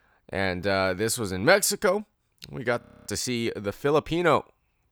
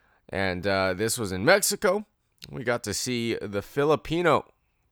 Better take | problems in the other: second | audio freezing; at 3 s

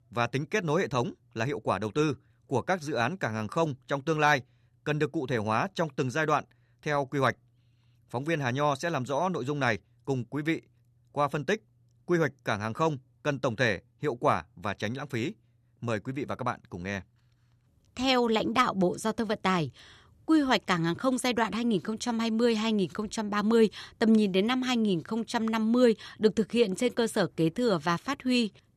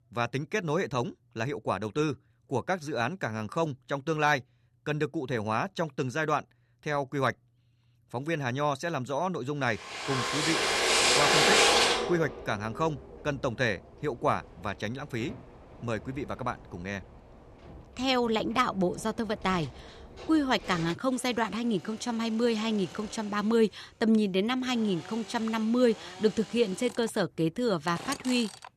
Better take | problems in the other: first | machinery noise; very loud; from 10 s on; 5 dB above the speech

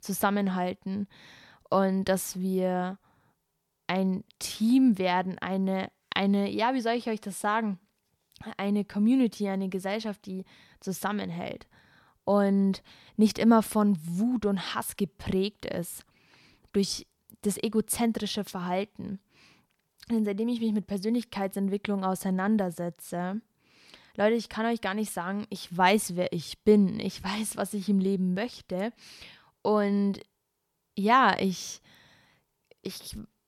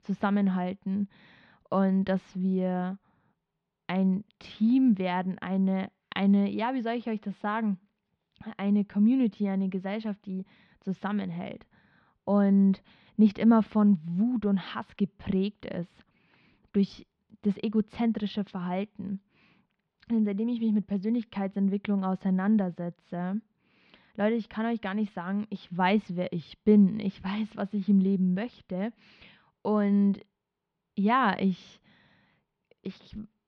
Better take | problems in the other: first | muffled; slightly; fading above 3.5 kHz

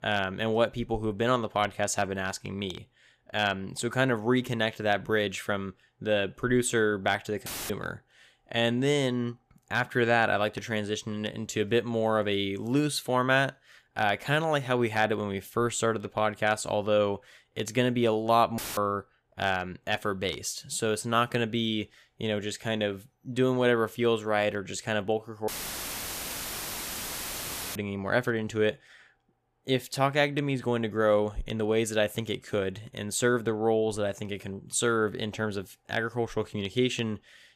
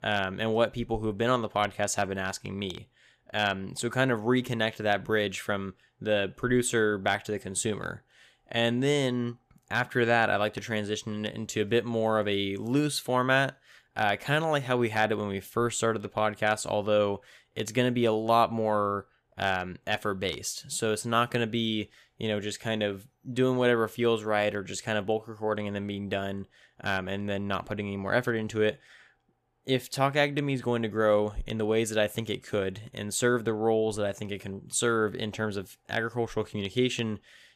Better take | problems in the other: second | audio cutting out; filled with static; at 7.5 s, at 19 s and at 25 s for 2.5 s

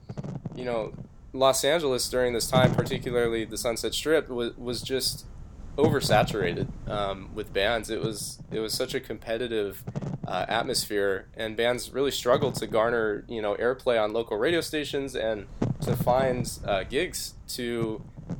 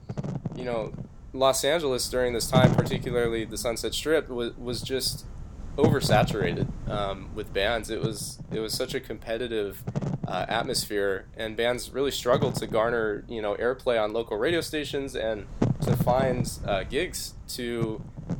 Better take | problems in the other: first | wind noise on the microphone; heavy; 9 dB below the speech; occasional gusts in the first

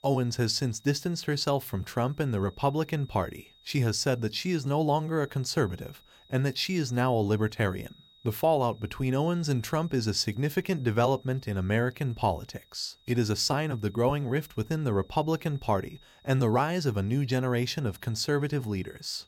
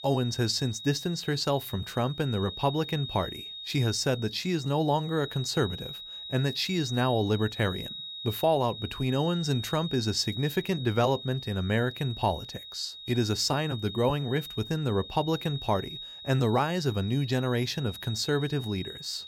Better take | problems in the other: first | high-pitched whine; loud; throughout; 4 kHz, 10 dB below the speech; faint in the first

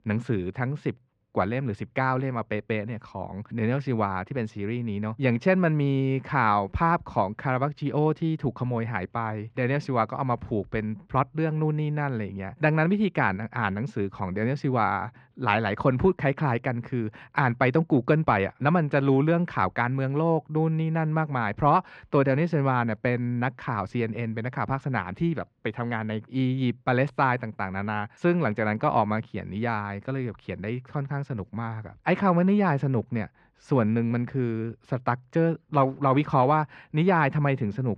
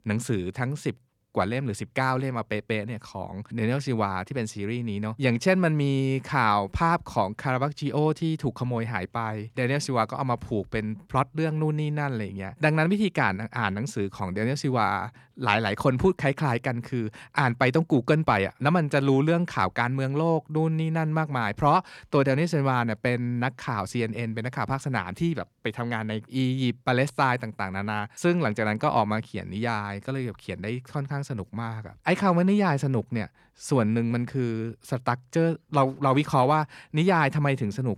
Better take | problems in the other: second | muffled; slightly; fading above 2.5 kHz

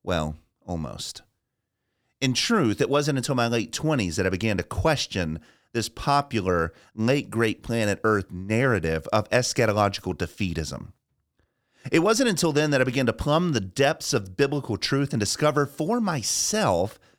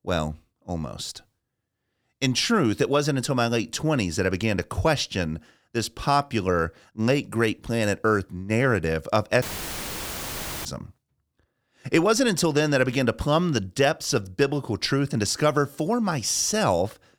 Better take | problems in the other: first | audio cutting out; filled with static; at 9.5 s for 1 s

